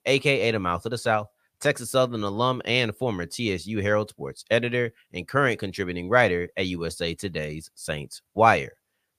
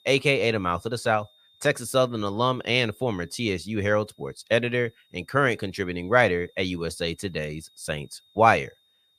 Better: first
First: none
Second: high-pitched whine; faint; throughout; 3.5 kHz, 35 dB below the speech

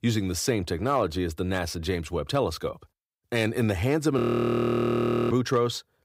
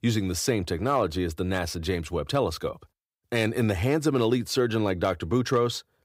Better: second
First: audio freezing; at 4 s for 1 s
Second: none

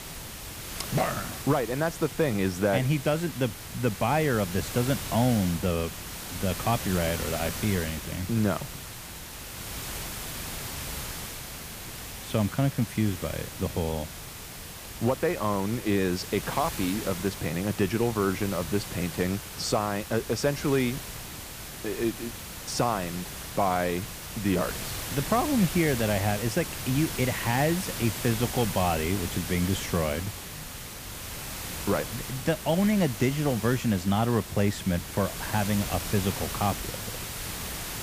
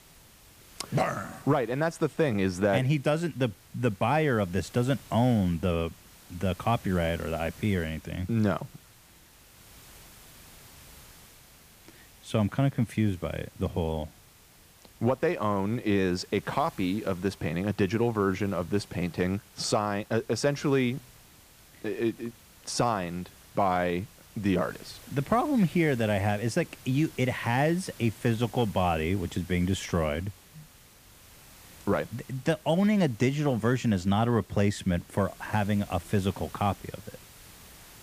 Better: second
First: hiss; loud; throughout; 7 dB below the speech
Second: hiss; faint; throughout; 20 dB below the speech

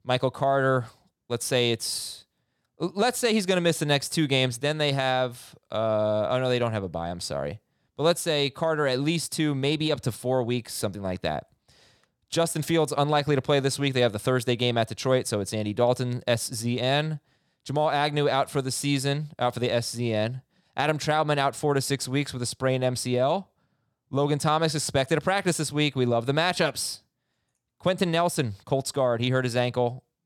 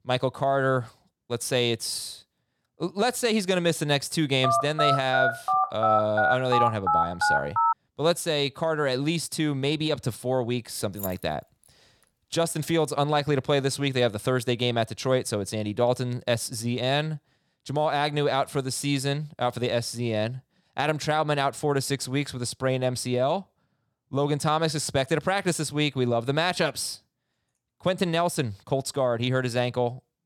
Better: first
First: none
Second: phone ringing; loud; from 4.5 to 7.5 s; peak 3 dB above the speech // jangling keys; faint; at 11 s; peak 10 dB below the speech

